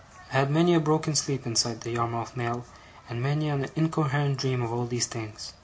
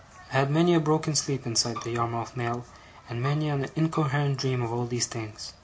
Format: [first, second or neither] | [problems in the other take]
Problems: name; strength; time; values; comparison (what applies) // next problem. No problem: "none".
first | background sound (Bowed string instrument); 16 dB below the speech